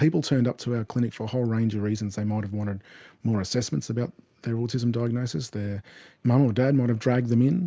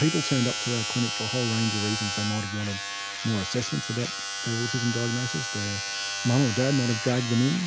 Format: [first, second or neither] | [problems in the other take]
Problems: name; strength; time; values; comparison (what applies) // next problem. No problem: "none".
first | background sound (Domestic sounds, home sounds); 4 dB below the speech